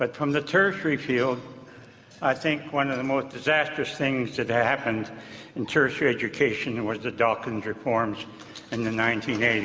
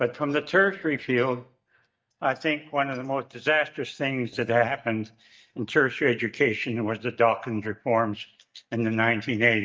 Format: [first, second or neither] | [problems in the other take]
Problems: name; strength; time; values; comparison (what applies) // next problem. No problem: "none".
first | noise reduction (neural mask model DeepFilterNet 3)